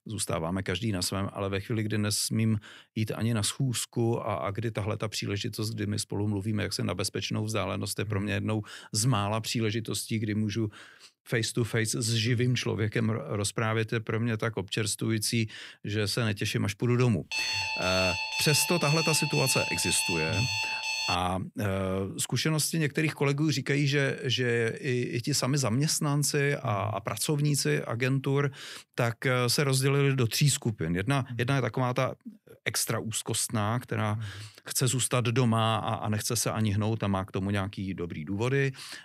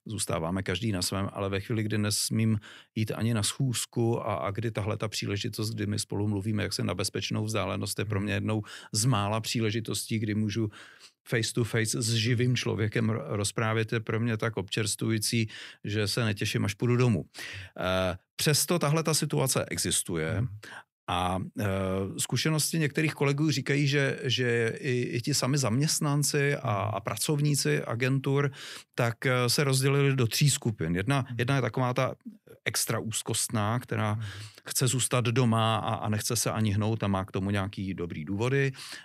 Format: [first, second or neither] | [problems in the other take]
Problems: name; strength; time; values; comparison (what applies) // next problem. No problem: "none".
second | alarm; loud; from 17 to 21 s; peak 1 dB above the speech